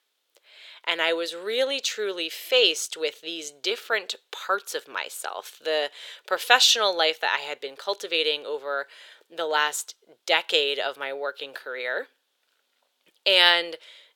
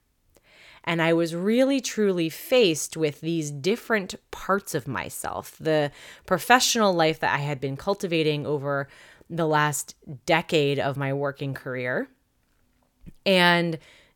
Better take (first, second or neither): second